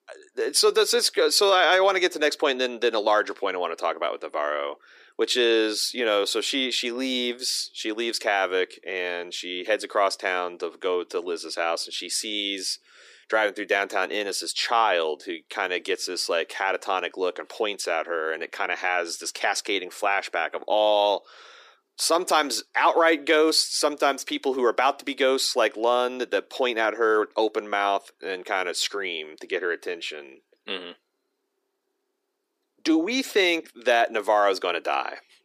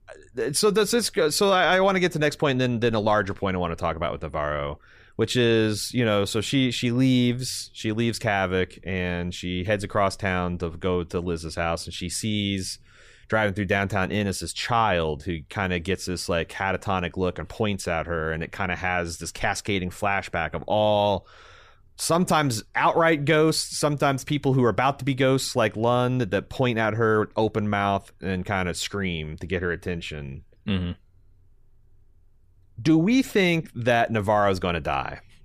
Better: second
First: thin; somewhat; fading below 300 Hz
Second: none

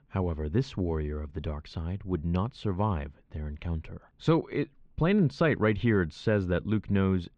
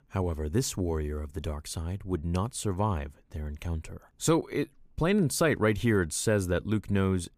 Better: second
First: muffled; slightly; fading above 4 kHz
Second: none

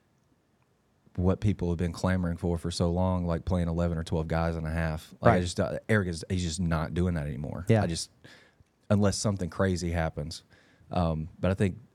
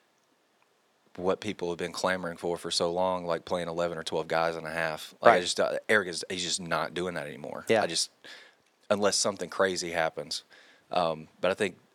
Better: first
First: none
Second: thin; very; fading below 400 Hz

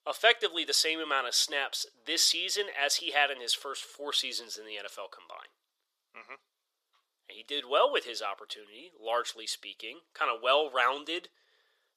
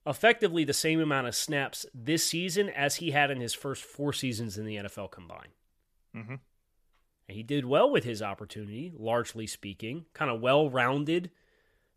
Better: second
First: thin; very; fading below 400 Hz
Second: none

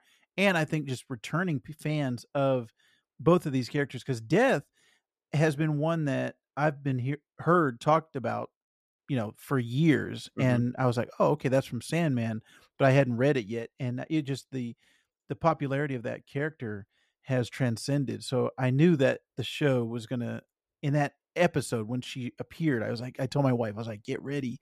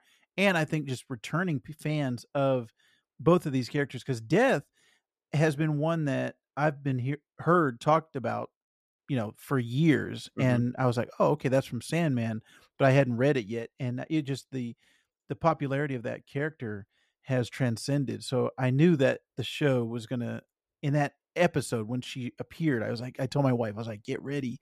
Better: neither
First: none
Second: none

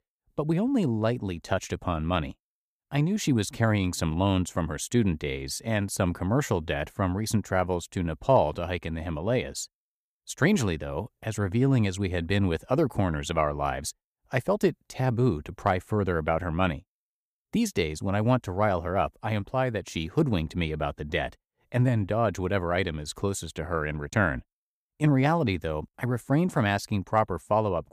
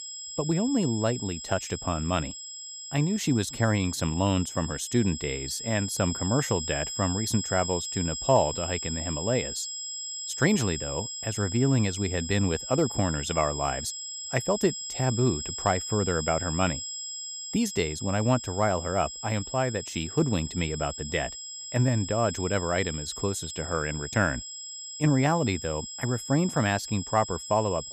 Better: first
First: none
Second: high-pitched whine; loud; throughout; 7.5 kHz, 7 dB below the speech

